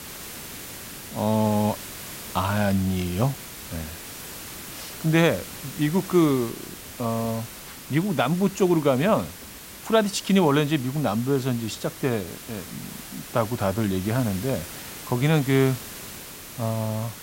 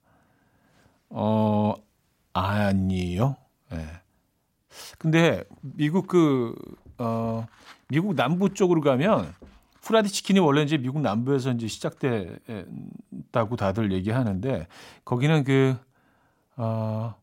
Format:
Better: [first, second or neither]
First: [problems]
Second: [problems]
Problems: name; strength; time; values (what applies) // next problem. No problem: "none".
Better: second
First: hiss; noticeable; throughout; 15 dB below the speech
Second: none